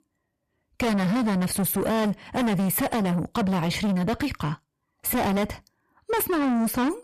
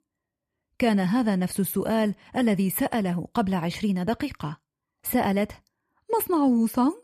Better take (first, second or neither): second